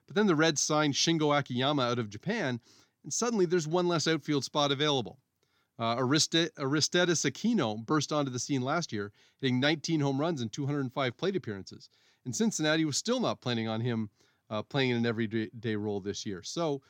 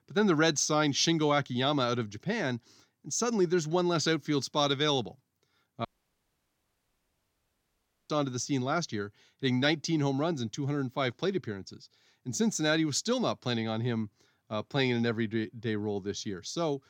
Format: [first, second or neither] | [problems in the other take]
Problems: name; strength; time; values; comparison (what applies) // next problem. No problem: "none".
first | audio cutting out; at 6 s for 2.5 s